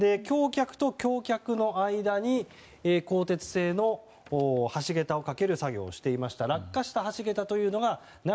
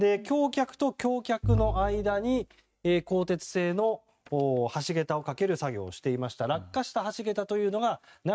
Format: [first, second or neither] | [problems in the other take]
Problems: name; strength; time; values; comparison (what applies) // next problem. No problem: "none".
first | noise reduction (neural mask model RNNoise)